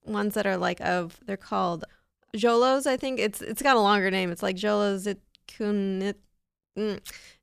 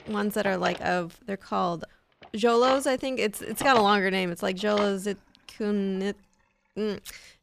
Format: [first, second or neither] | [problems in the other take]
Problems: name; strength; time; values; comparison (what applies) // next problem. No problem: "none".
first | household noises; noticeable; throughout; 10 dB below the speech